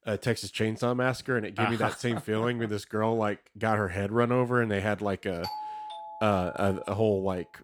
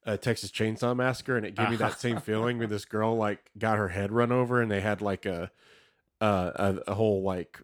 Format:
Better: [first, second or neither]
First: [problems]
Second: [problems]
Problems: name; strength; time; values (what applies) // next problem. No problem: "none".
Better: second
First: doorbell; noticeable; from 5.5 to 7 s; peak 8 dB below the speech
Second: none